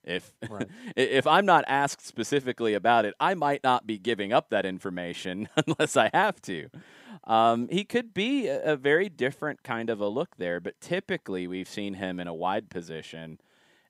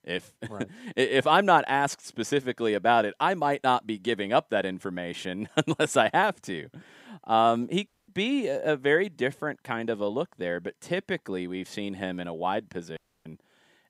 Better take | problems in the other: first | audio cutting out; at 8 s and at 13 s

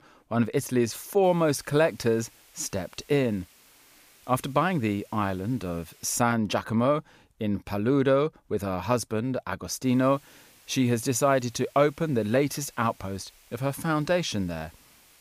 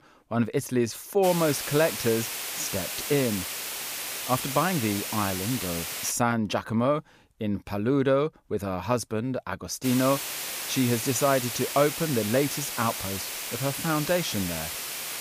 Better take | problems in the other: first | hiss; loud; from 1 to 6 s and from 10 s on; 4 dB below the speech; faint in the first

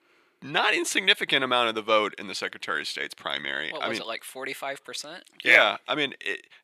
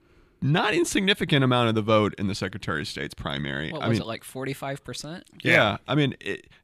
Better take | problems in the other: second | thin; very; fading below 500 Hz

